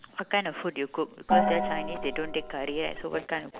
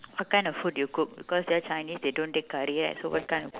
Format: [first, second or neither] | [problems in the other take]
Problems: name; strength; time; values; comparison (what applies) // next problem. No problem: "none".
second | background sound (Gong); 3 dB above the speech